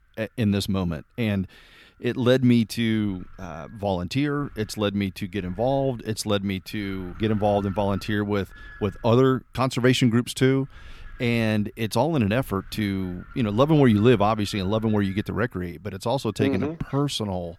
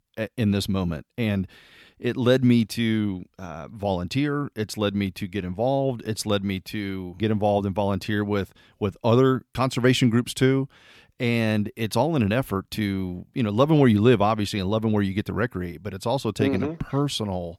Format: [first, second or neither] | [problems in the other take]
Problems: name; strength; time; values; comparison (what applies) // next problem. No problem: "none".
second | wind noise on the microphone; occasional gusts; 20 dB below the speech